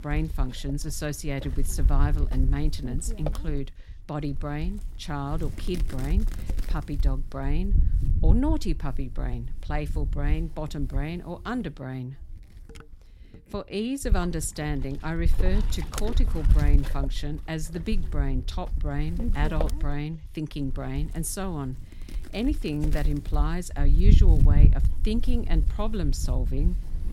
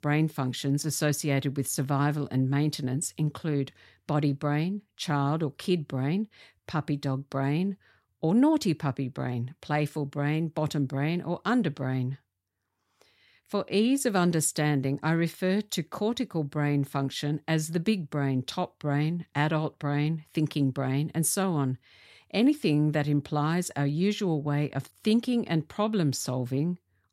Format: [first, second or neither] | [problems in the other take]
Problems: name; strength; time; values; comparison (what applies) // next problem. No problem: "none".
second | wind noise on the microphone; heavy; 8 dB below the speech